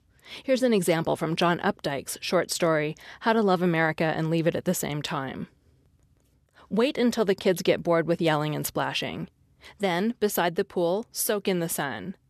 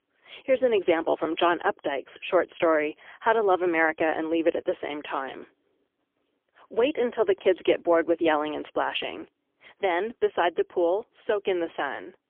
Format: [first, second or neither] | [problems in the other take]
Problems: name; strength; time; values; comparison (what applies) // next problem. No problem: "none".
first | phone-call audio; poor line; nothing above 3.5 kHz